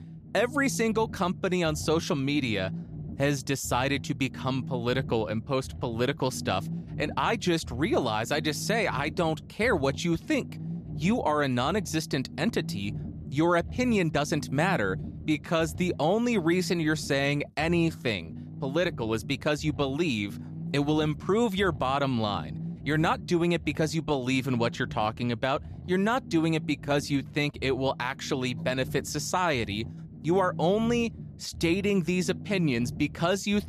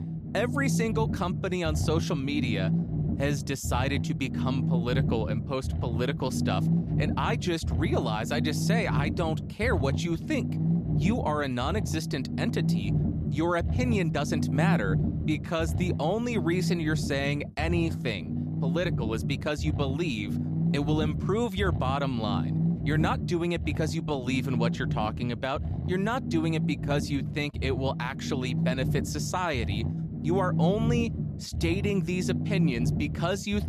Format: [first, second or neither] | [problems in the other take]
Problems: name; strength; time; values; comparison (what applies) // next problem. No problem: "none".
first | low rumble; loud; throughout; 8 dB below the speech; faint in the first